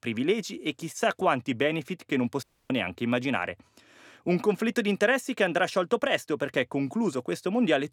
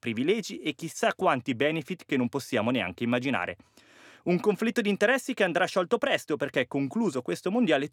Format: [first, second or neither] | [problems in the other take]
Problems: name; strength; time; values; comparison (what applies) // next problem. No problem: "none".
second | audio cutting out; at 2.5 s